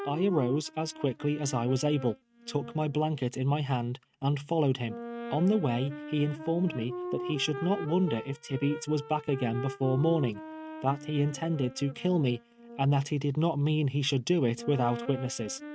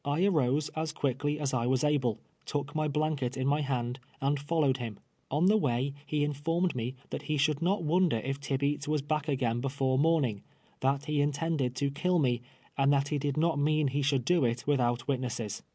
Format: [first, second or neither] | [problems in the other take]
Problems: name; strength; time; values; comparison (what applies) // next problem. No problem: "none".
second | noise reduction (neural mask model RNNoise)